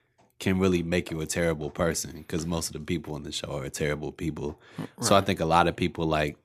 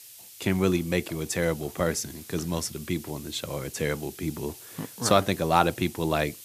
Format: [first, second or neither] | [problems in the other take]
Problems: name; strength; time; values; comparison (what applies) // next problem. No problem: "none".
first | hiss; noticeable; throughout; 15 dB below the speech